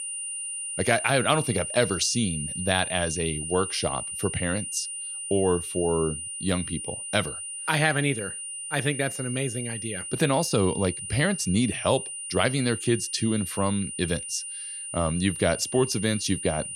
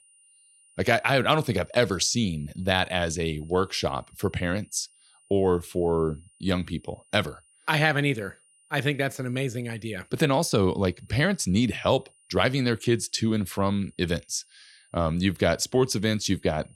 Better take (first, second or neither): second